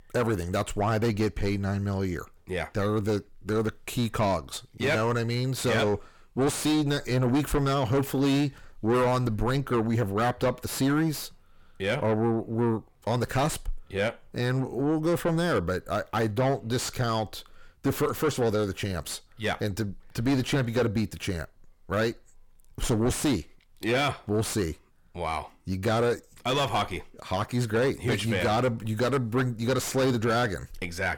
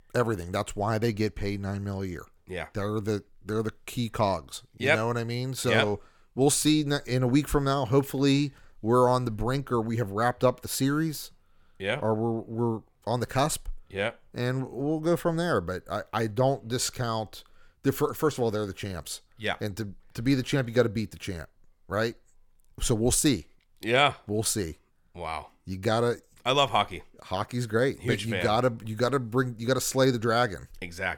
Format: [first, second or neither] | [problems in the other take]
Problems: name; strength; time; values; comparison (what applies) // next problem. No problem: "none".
second | distortion; heavy; 7 dB below the speech